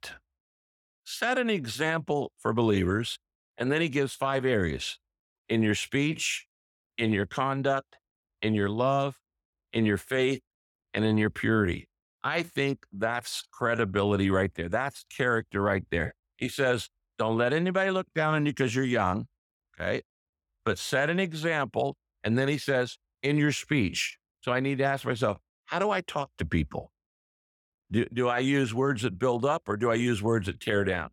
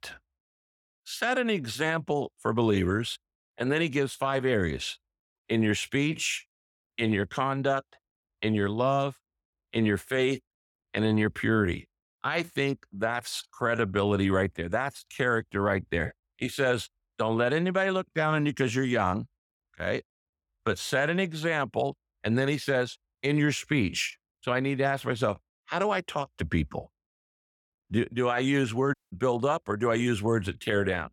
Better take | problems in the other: first | audio cutting out; at 29 s

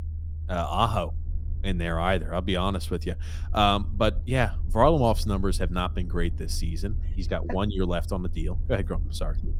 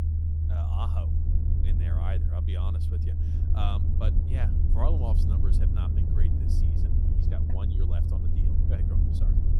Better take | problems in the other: first | low rumble; loud; throughout; as loud as the speech; faint in the first

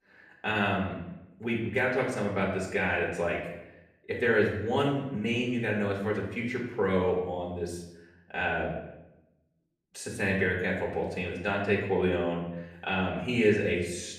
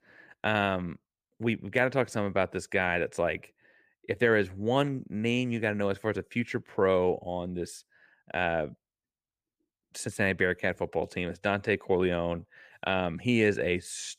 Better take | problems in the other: second | off-mic speech; far // room echo; noticeable; dies away in 0.8 s

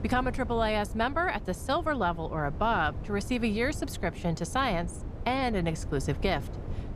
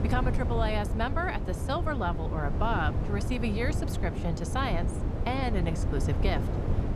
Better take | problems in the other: first | wind noise on the microphone; heavy; 7 dB below the speech; occasional gusts in the first

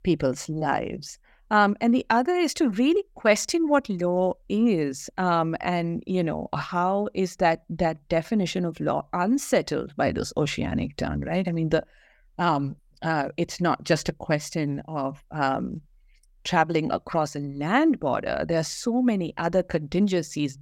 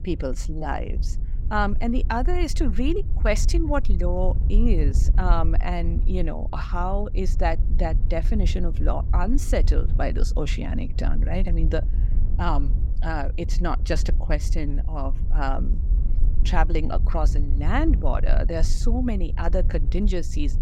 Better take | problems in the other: first | wind noise on the microphone; occasional gusts; 15 dB below the speech

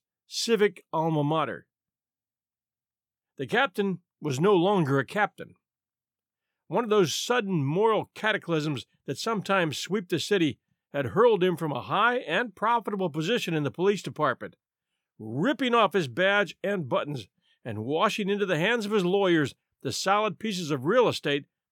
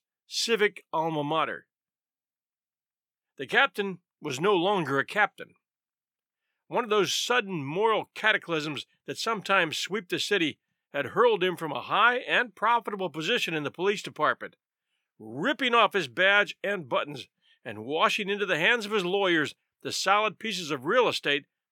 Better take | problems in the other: first | thin; very slightly; fading below 350 Hz

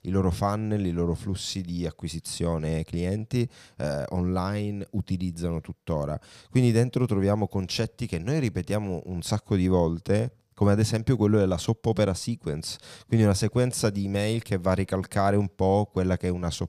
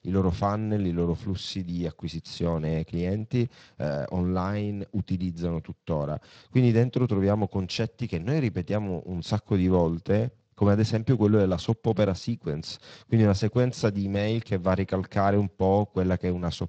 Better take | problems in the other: first | garbled, watery; slightly; nothing above 8 kHz

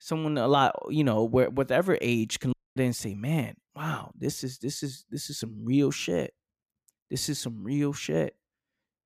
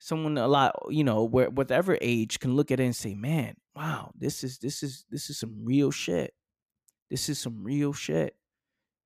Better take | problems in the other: second | audio cutting out; at 2.5 s

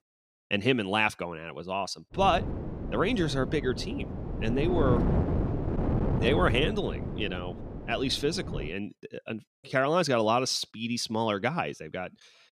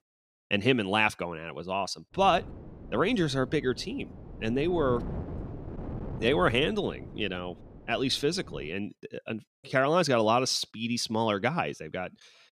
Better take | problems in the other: second | wind noise on the microphone; heavy; from 2 to 8.5 s; 9 dB below the speech; occasional gusts in the second

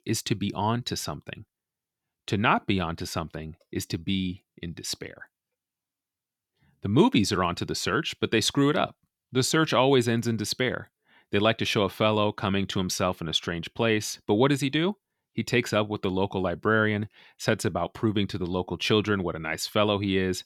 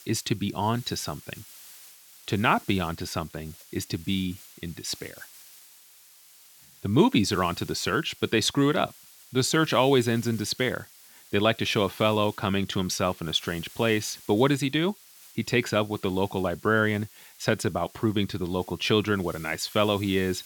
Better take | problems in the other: first | hiss; faint; throughout; 20 dB below the speech

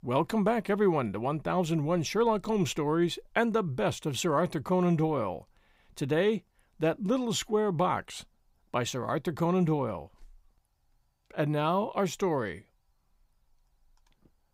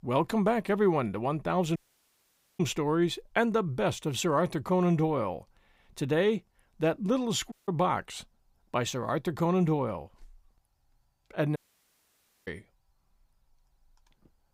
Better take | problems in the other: first | audio cutting out; at 2 s for 1 s, at 7.5 s and at 12 s for 1 s

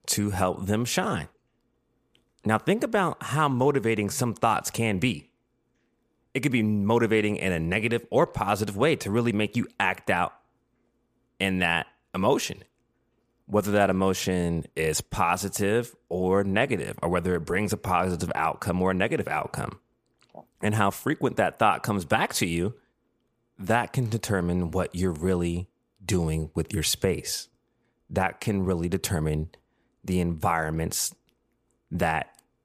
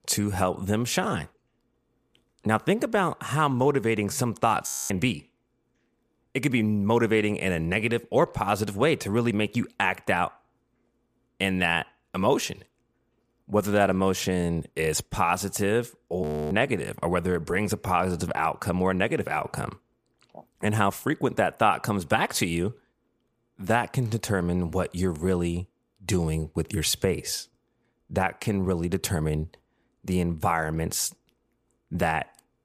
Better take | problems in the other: first | audio freezing; at 4.5 s and at 16 s

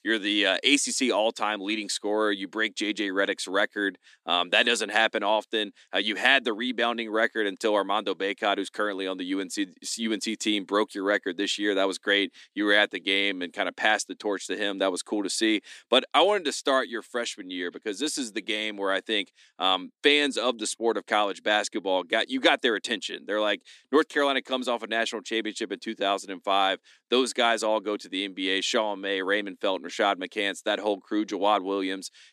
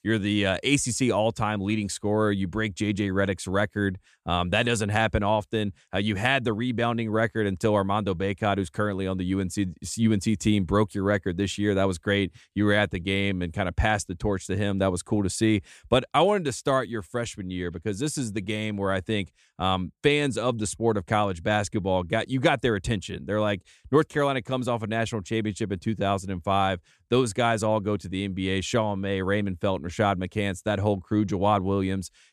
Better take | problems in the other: second | thin; somewhat; fading below 250 Hz

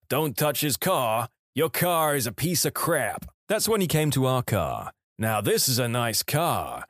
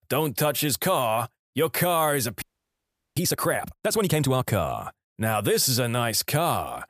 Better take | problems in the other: first | audio freezing; at 2.5 s for 0.5 s

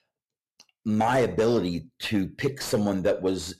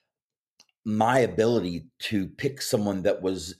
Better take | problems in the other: second | distortion; slight; 10 dB below the speech

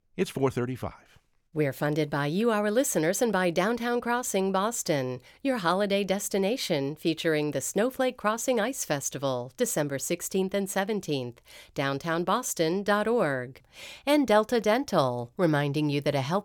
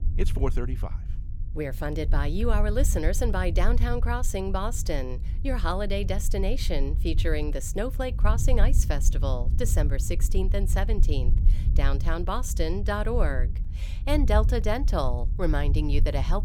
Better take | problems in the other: first | low rumble; noticeable; throughout; 15 dB below the speech

